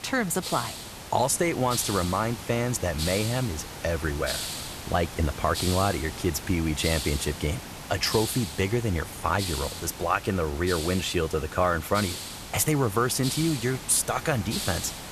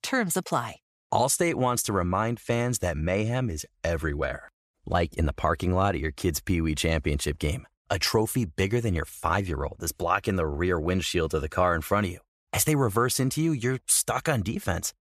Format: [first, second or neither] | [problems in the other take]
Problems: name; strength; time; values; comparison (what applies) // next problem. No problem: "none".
second | hiss; loud; throughout; 8 dB below the speech